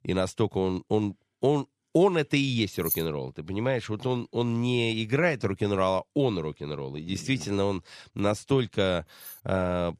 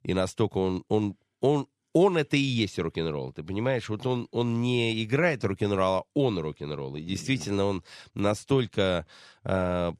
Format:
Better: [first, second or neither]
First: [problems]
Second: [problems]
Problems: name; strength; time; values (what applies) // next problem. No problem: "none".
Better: second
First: jangling keys; noticeable; at 3 s; peak 3 dB below the speech // jangling keys; faint; at 9 s; peak 15 dB below the speech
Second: none